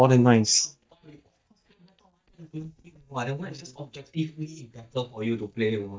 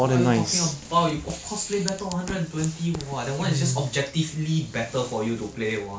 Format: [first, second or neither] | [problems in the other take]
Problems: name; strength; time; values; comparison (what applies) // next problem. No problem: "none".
second | noise reduction (neural mask model DeepFilterNet 3)